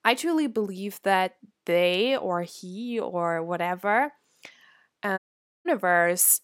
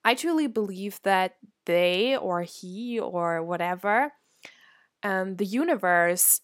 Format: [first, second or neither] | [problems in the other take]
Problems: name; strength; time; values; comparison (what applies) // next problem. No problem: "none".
second | audio cutting out; at 5 s